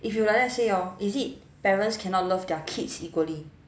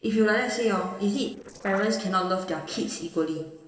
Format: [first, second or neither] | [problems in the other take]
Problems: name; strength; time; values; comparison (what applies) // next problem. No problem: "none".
first | noise reduction (neural separator model SepFormer DNS4)